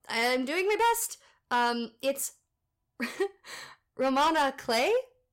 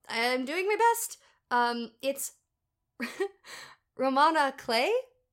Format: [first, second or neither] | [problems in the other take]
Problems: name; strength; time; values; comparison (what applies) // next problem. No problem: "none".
second | distortion; slight; 6% of the sound clipped